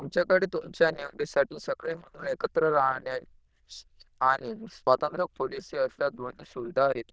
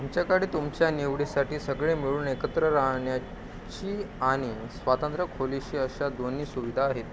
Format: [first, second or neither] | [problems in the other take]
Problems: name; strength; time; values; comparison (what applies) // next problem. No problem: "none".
second | noise reduction (neural diffusion model UNIVERSE++)